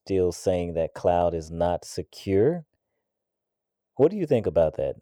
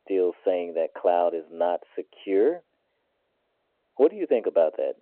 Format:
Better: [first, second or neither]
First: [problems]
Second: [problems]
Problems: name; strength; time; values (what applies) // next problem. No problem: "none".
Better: first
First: none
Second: phone-call audio